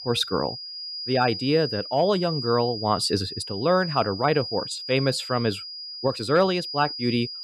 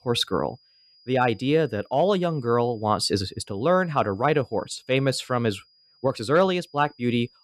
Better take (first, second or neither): second